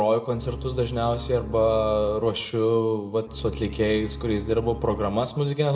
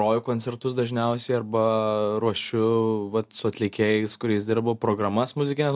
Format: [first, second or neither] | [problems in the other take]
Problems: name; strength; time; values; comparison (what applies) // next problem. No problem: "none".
second | background sound (Bowed string instrument); 12 dB below the speech // room echo; dies away in 1.1 s